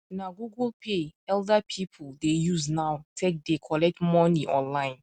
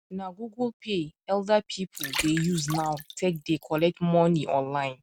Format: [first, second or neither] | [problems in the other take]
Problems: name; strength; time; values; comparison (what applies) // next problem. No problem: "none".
first | background sound (Water); 13 dB below the speech